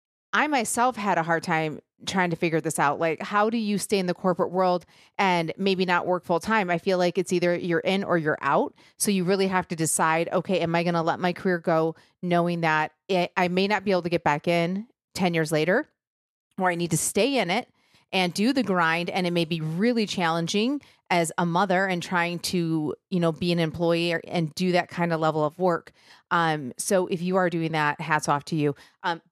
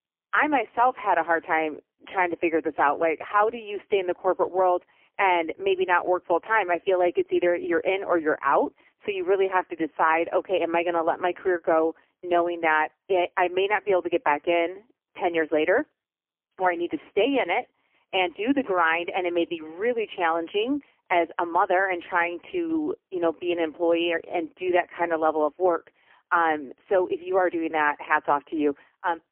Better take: first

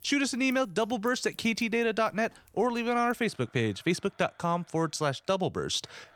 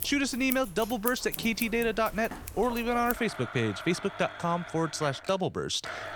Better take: first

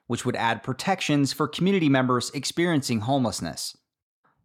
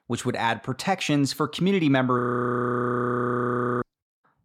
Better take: first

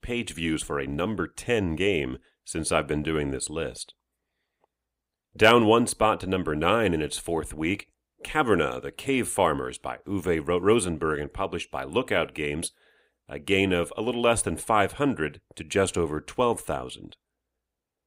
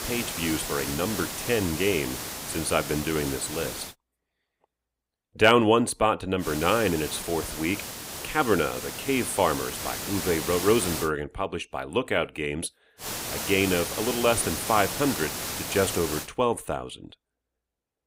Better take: first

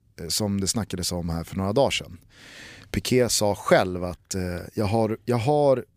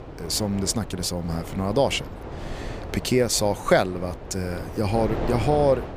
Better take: first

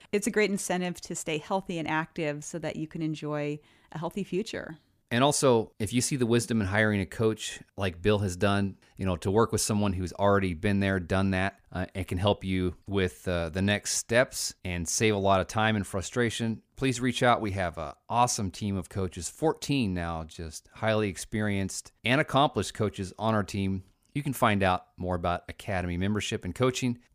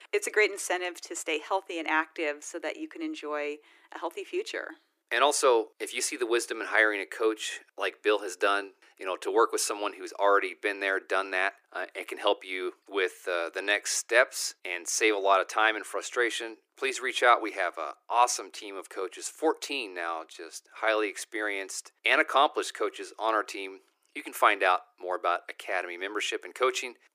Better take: first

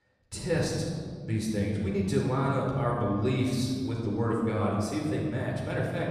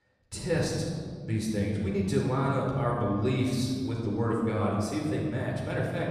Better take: neither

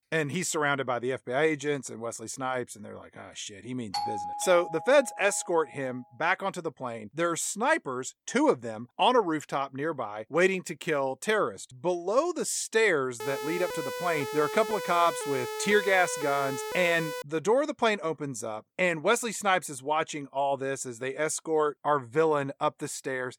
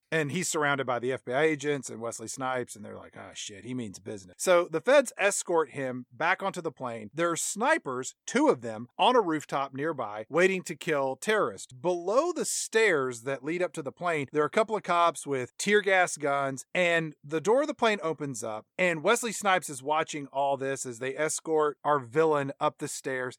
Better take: second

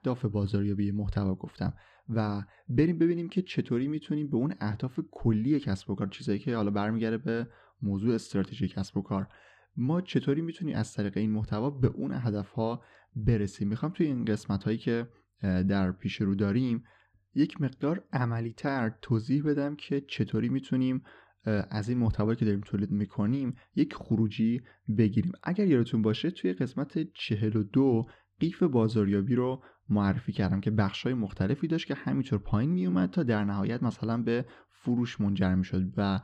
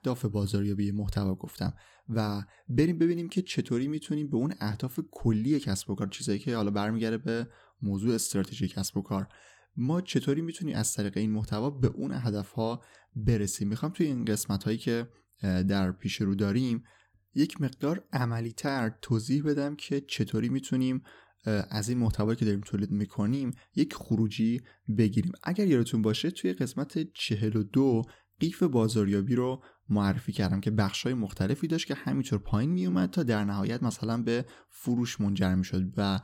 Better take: second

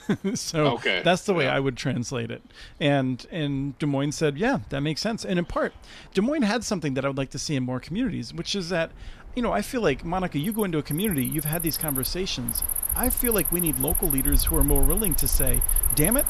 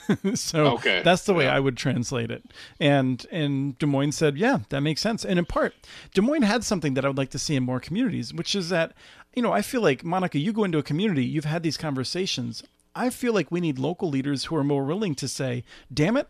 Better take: second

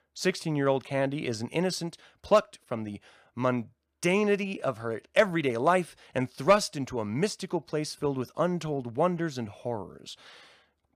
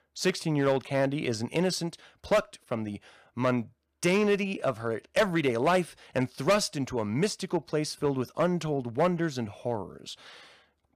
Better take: first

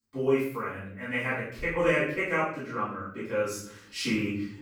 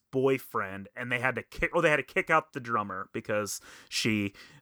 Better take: second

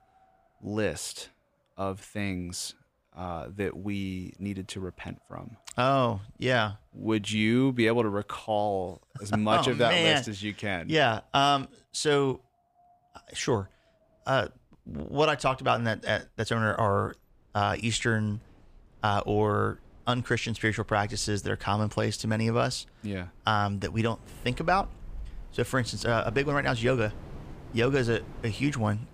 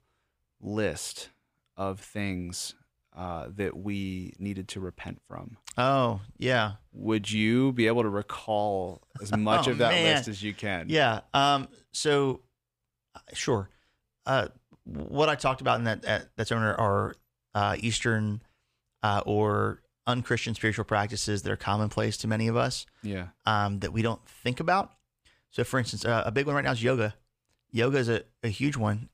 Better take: second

